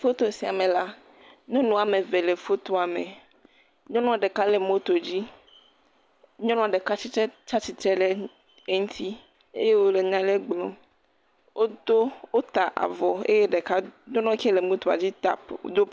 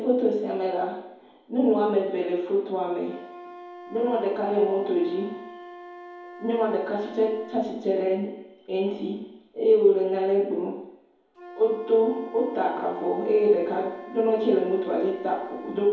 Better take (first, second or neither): first